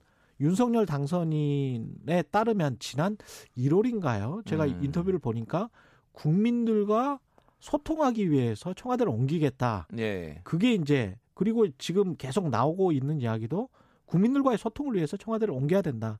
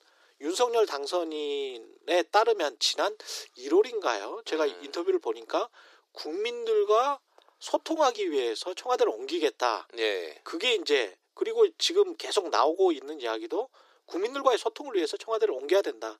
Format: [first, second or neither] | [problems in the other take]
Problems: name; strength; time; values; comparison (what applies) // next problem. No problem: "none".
first | thin; very; fading below 350 Hz